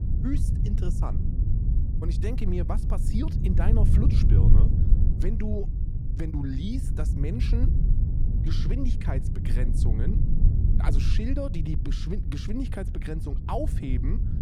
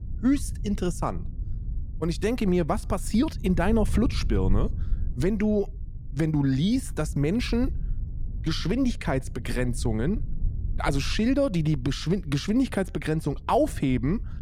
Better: second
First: low rumble; loud; throughout; 3 dB below the speech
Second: low rumble; faint; throughout; 20 dB below the speech

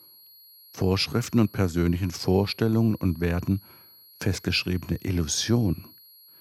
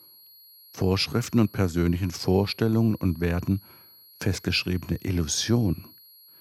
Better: neither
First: high-pitched whine; faint; throughout; 11.5 kHz, 25 dB below the speech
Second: high-pitched whine; faint; throughout; 11.5 kHz, 25 dB below the speech

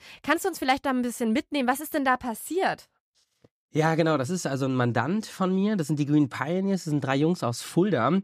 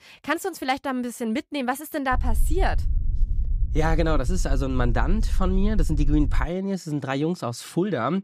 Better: first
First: none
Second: low rumble; faint; from 2 to 6.5 s; 20 dB below the speech

